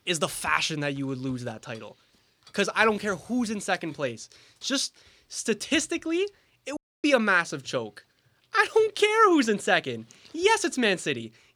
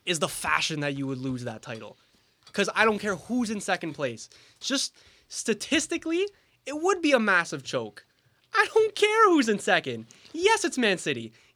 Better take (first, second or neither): second